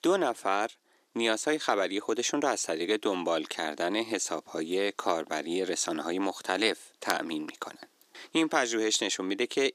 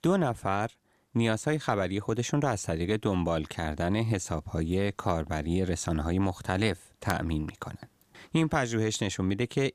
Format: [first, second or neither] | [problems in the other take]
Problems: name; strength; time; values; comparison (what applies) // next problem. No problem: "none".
second | thin; somewhat; fading below 300 Hz